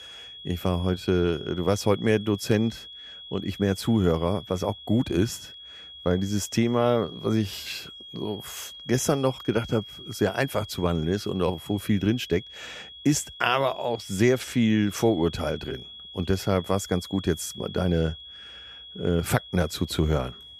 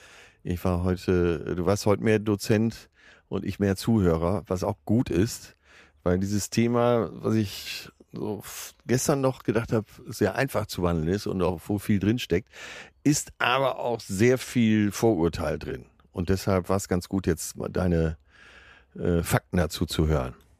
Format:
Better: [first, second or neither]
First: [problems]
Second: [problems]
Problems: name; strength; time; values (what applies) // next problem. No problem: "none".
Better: second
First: high-pitched whine; noticeable; throughout; 3.5 kHz, 15 dB below the speech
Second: none